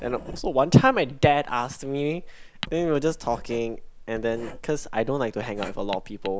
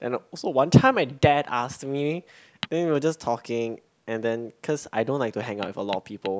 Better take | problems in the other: second | background sound (Writing); 13 dB below the speech

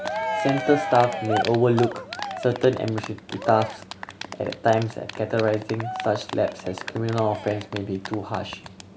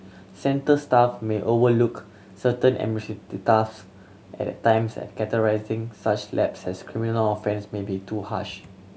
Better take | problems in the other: second | background sound (Cheering); 8 dB below the speech

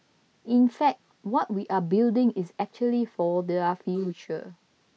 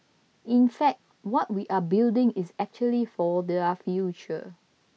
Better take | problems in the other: second | noise reduction (neural mask model Resemble Enhance denoiser)

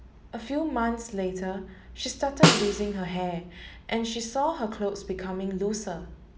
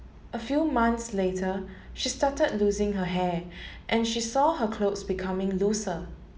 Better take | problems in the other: second | background sound (Snare drum); 4 dB above the speech

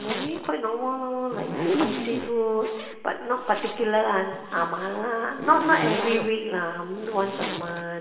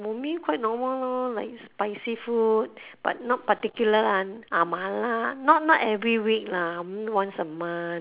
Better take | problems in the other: second | background sound (Zipper (clothing)); 6 dB below the speech // room echo; dies away in 1.4 s

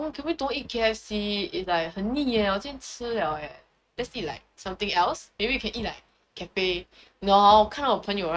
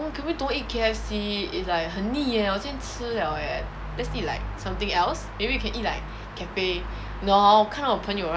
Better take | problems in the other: second | noise reduction (neural mask model RNNoise)

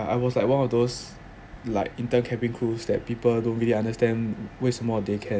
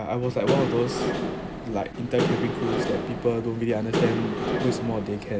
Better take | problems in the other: first | background sound (Engine / Mechanisms); 1 dB below the speech

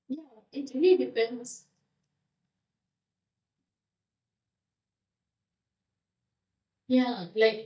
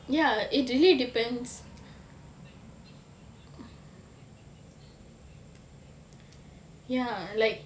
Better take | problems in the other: second | noise reduction (neural mask model DeepFilterNet 3)

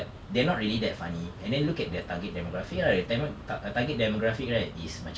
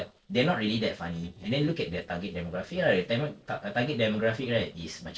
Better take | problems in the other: first | noise reduction (neural separator model SepFormer DNS4)

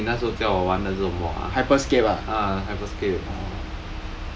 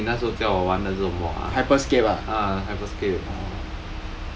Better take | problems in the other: first | background sound (Slam / Wood); 20 dB below the speech

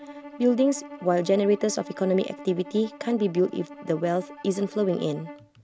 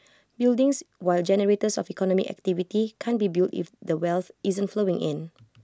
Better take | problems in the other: second | background sound (Bowed string instrument); 17 dB below the speech

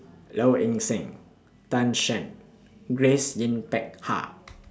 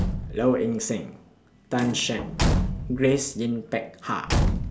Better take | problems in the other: first | background sound (Slam / Truck / Car); 1 dB below the speech

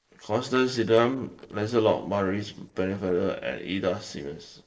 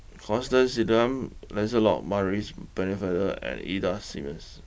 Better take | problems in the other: second | noise reduction (neural separator model SepFormer DNS4)

